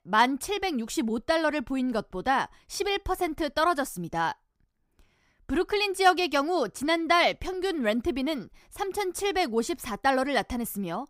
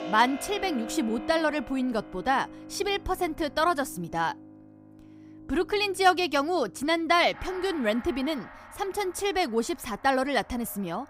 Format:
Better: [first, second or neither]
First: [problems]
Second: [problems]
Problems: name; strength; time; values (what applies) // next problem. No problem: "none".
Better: first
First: none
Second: background music; noticeable; throughout; 15 dB below the speech